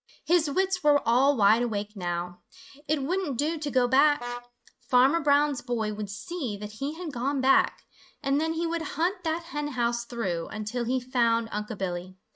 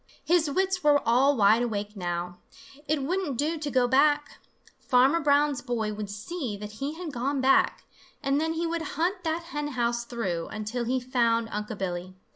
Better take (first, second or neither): second